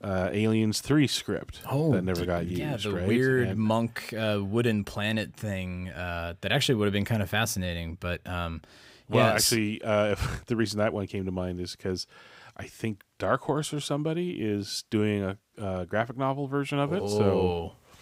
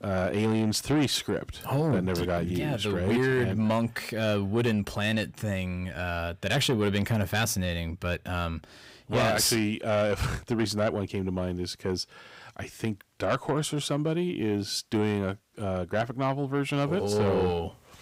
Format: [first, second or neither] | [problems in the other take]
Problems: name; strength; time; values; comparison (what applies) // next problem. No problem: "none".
first | distortion; slight; 10 dB below the speech